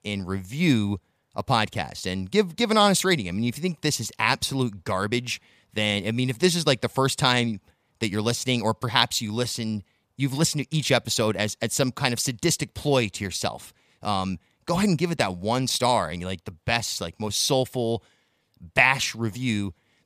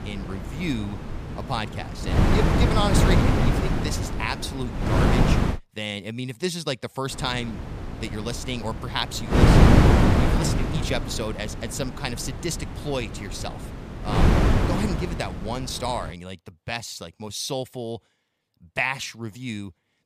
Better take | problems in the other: first | wind noise on the microphone; heavy; until 5.5 s and from 7 to 16 s; 4 dB above the speech

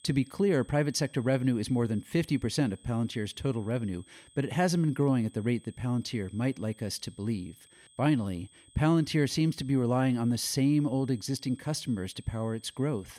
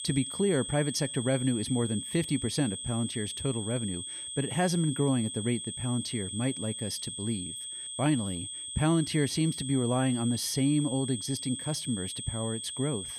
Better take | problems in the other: first | high-pitched whine; loud; throughout; 8 kHz, 6 dB below the speech; faint in the first

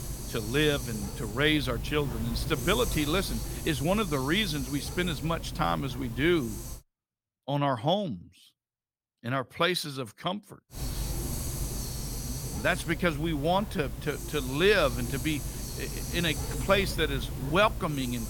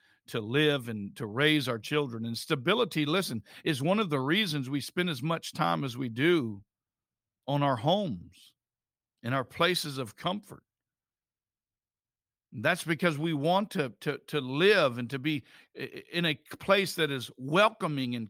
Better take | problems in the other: second | hiss; loud; until 7 s and from 11 s on; 7 dB below the speech

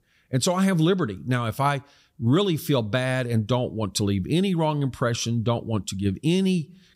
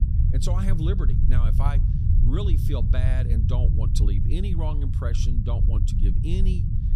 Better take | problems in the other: first | low rumble; loud; throughout; 2 dB below the speech

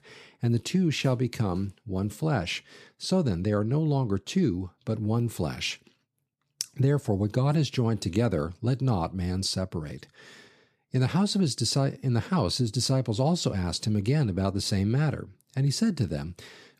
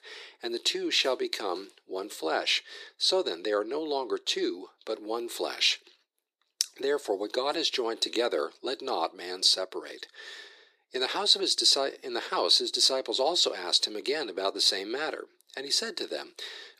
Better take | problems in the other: first | thin; very; fading below 350 Hz

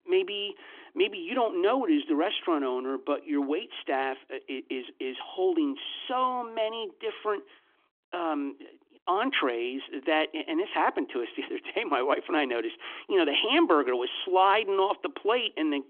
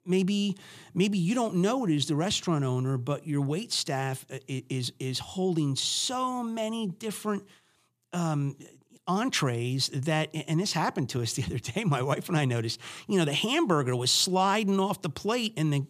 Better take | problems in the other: second | phone-call audio; nothing above 3.5 kHz

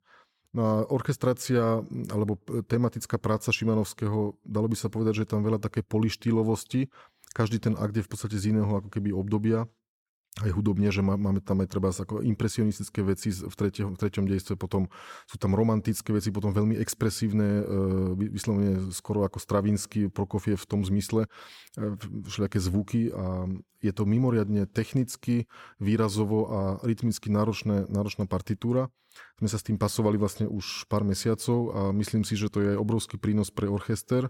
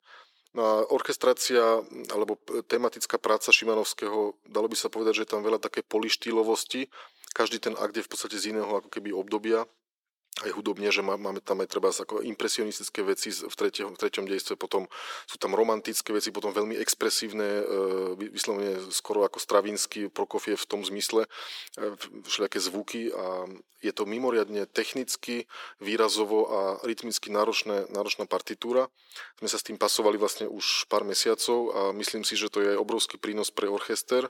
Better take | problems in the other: first | thin; very; fading below 350 Hz

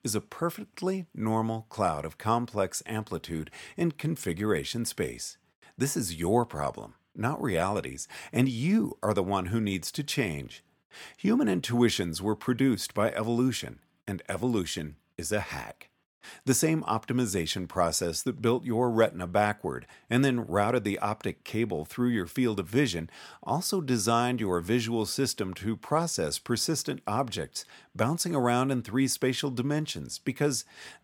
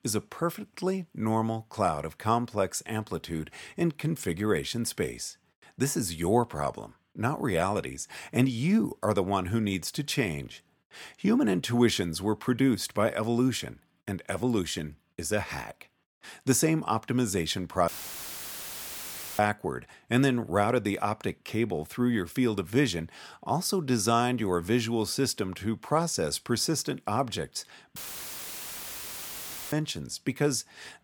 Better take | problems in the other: first | audio cutting out; filled with static; at 18 s for 1.5 s and at 28 s for 2 s

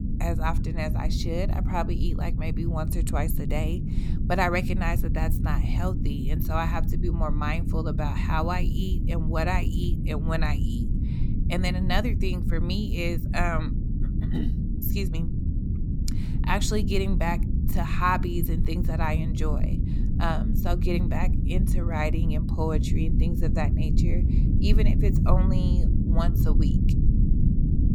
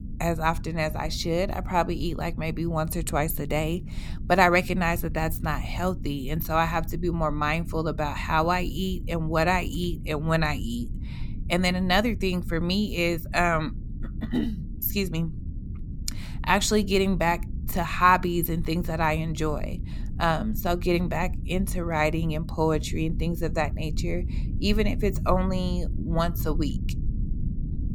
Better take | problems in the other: second | low rumble; loud; throughout; 7 dB below the speech; faint in the second

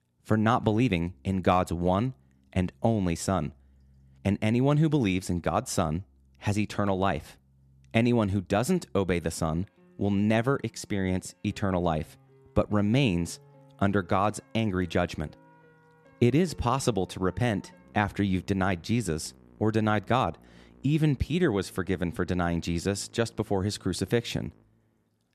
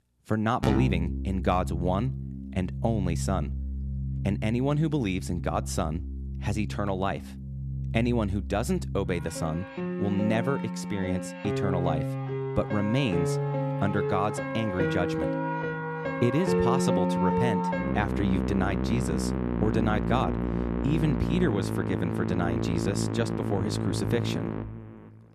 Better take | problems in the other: first | background music; loud; throughout; 1 dB below the speech; faint in the first

